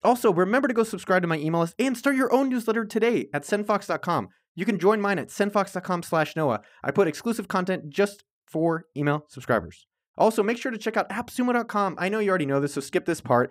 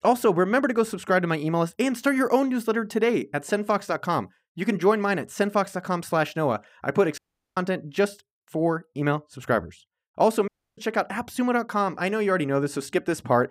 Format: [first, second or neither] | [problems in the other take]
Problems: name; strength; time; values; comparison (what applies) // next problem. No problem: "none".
first | audio cutting out; at 7 s and at 10 s